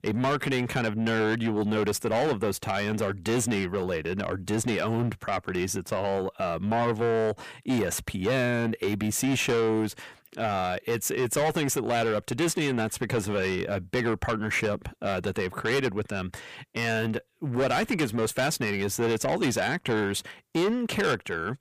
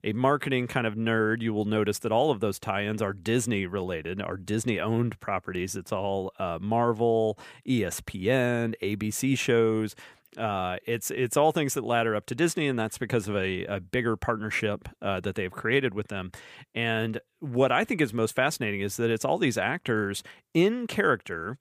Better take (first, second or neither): second